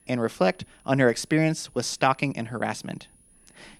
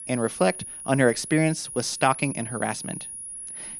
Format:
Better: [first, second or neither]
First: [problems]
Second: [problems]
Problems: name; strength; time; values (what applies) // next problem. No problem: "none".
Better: first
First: high-pitched whine; faint; throughout; 10.5 kHz, 30 dB below the speech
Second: high-pitched whine; loud; throughout; 10.5 kHz, 10 dB below the speech